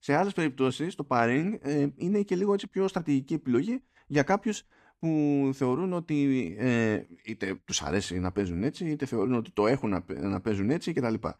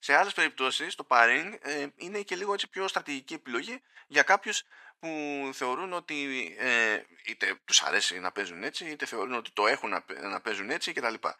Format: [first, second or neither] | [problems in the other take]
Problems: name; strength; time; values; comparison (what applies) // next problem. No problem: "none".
first | thin; very; fading below 800 Hz